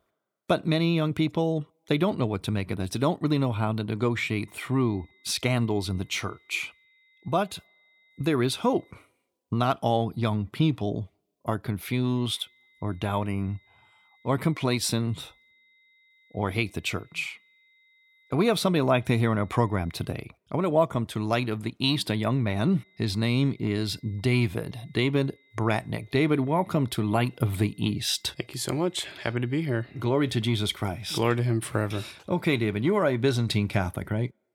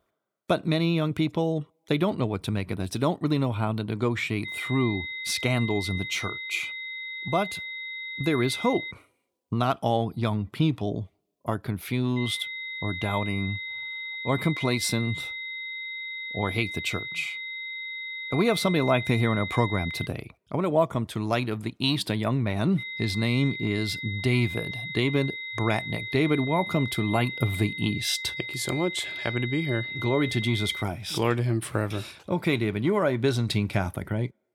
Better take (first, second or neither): first